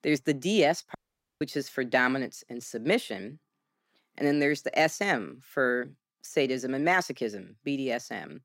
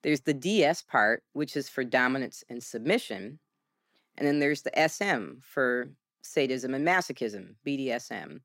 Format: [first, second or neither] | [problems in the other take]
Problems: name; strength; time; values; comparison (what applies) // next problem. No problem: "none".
second | audio cutting out; at 1 s